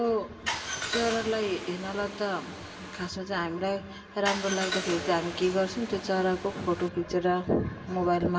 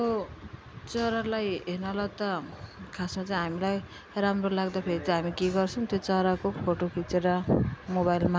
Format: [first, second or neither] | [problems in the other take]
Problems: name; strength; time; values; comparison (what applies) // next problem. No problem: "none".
second | background sound (Car); 8 dB below the speech // room echo; dies away in 1.7 s